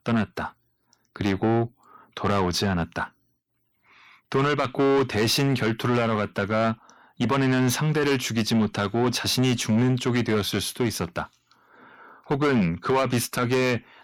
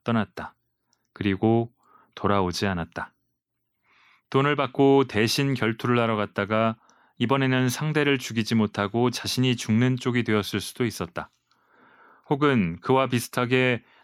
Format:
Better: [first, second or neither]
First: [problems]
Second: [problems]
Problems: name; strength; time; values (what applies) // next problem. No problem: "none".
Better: second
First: distortion; heavy; 7 dB below the speech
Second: none